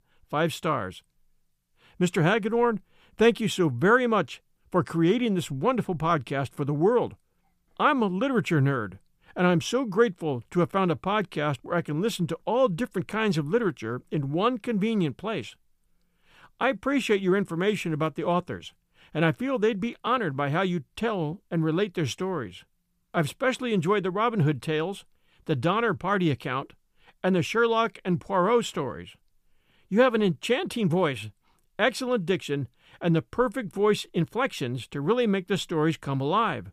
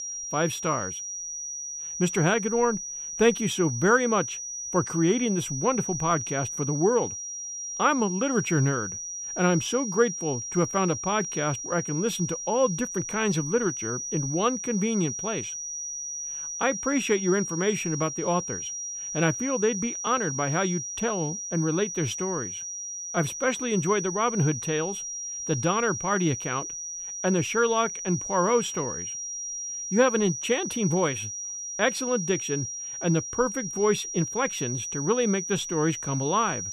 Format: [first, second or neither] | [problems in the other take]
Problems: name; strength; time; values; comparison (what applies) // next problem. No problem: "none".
first | high-pitched whine; loud; throughout; 5.5 kHz, 5 dB below the speech